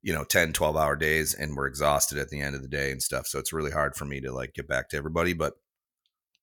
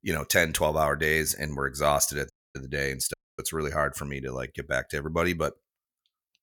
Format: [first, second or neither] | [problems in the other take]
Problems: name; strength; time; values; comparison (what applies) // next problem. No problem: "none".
first | audio cutting out; at 2.5 s and at 3 s